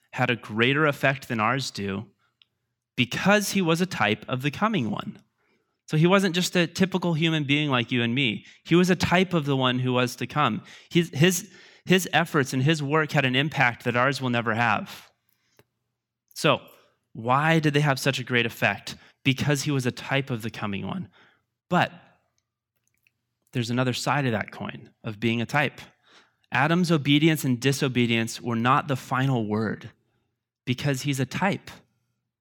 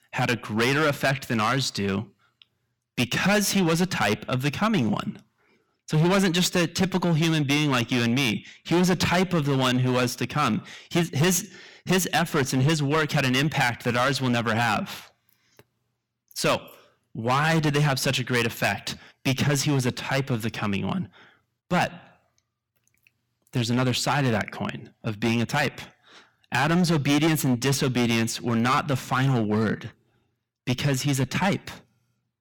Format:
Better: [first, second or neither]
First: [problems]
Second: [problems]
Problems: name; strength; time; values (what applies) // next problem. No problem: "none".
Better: first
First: none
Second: distortion; heavy; 10% of the sound clipped